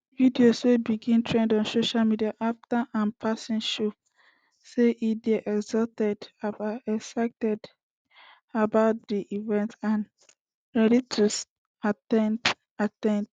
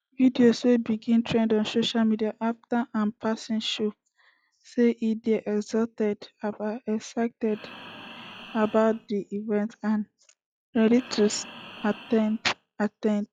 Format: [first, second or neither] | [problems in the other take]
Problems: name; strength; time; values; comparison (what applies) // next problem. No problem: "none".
first | noise reduction (classical method log-MMSE)